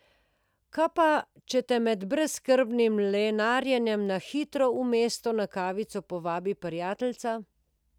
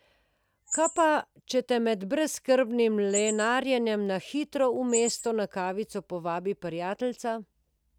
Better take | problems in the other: first | background sound (Chirp, tweet); 12 dB below the speech

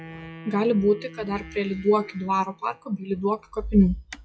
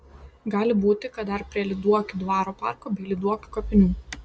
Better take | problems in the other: second | noise reduction (classical method log-MMSE)

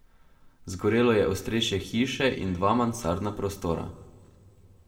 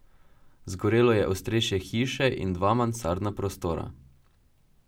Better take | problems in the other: second | room echo; dies away in 1.4 s

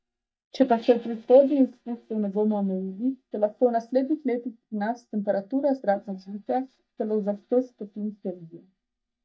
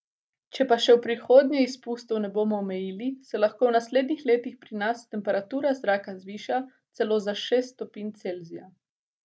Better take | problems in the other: second | noise reduction (neural mask model DeepFilterNet 3)

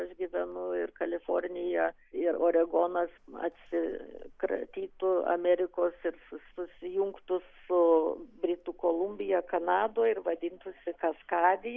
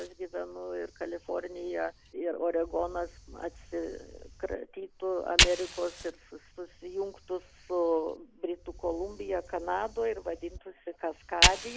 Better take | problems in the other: first | background sound (Fire); 1 dB below the speech

